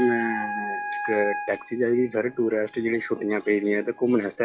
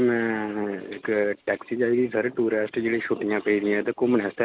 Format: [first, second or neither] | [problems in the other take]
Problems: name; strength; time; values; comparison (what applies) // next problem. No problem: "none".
second | noise reduction (classical method log-MMSE)